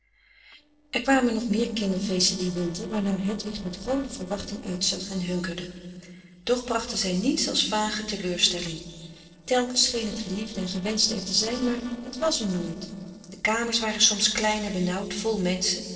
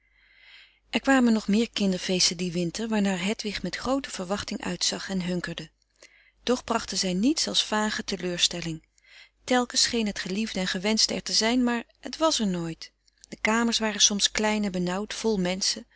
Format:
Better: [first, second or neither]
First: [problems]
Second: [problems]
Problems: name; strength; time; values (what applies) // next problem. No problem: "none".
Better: second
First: noise reduction (neural separator model SepFormer DNS4)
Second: none